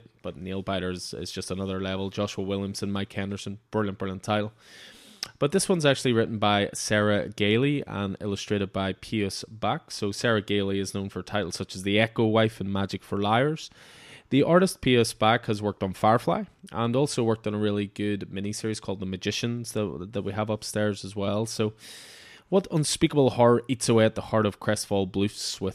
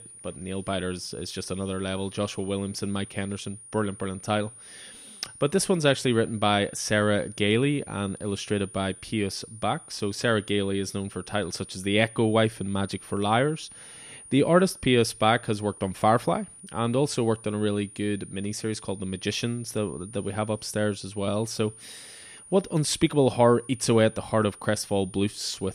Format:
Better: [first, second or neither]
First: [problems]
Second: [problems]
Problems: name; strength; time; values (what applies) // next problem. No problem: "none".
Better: first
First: none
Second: high-pitched whine; noticeable; throughout; 9.5 kHz, 20 dB below the speech